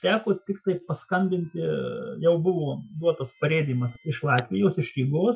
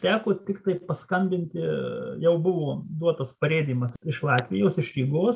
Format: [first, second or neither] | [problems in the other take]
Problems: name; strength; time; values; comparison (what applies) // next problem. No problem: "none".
second | noise reduction (classical method Wiener filter)